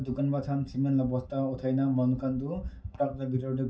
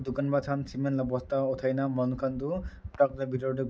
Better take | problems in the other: second | room echo; dies away in 0.2 s

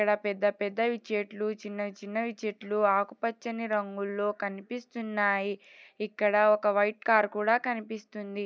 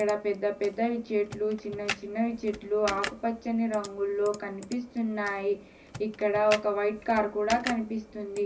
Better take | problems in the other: first | background sound (Computer keyboard); 13 dB below the speech // room echo; dies away in 0.4 s

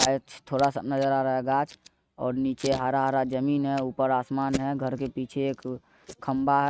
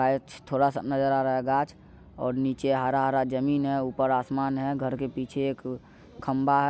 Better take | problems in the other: second | noise reduction (neural mask model RNNoise)

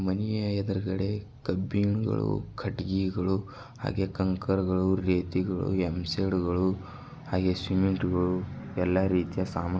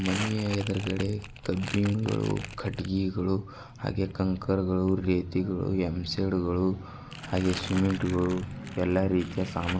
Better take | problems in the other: first | background sound (Crumpling, crinkling); 15 dB below the speech

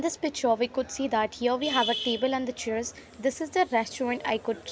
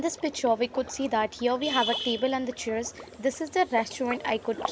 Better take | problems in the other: first | background sound (Liquid); 15 dB below the speech

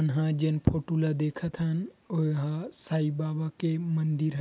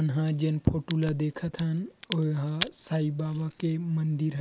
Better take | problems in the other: first | noise reduction (neural mask model Resemble Enhance denoiser)

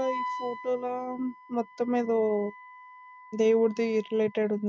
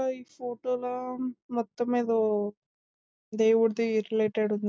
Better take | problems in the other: second | background sound (Wind instrument, woodwind instrument); 13 dB below the speech

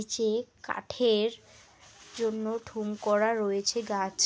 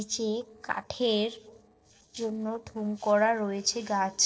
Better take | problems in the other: first | noise reduction (neural separator model SepFormer DNS4)

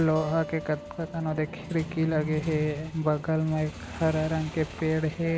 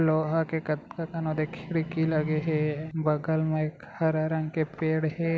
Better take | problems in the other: second | background sound (Motorcycle / Engine + Acoustic guitar); 14 dB below the speech

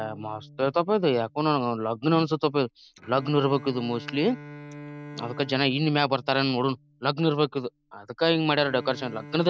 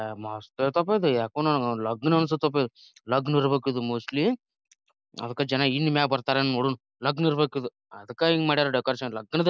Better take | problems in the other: second | background sound (Bowed string instrument); 19 dB below the speech

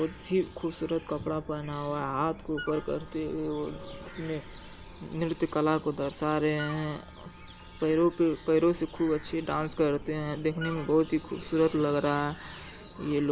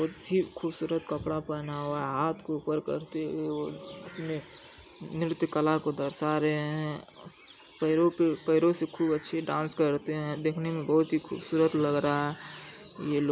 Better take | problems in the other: second | background sound (Car + Wind instrument, woodwind instrument); 16 dB below the speech

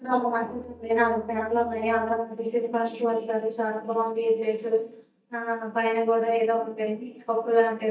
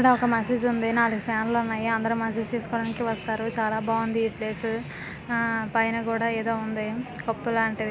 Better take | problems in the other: second | noise reduction (neural mask model DeepFilterNet 3)

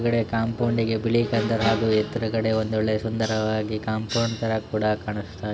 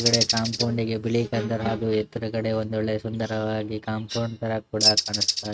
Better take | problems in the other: first | noise reduction (neural mask model RNNoise)

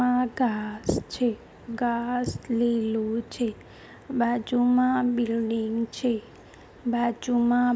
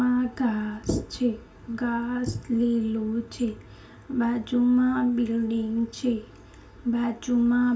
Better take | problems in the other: first | room echo; dies away in 0.2 s

